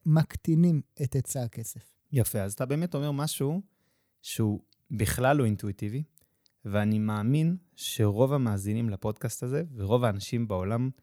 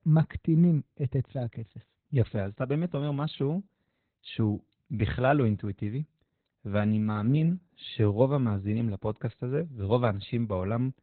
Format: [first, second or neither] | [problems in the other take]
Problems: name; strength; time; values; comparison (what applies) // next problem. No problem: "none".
first | garbled, watery; badly; nothing above 4 kHz